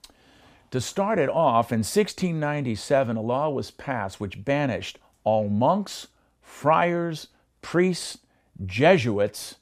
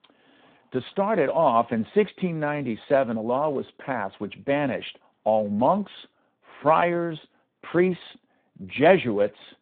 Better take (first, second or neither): first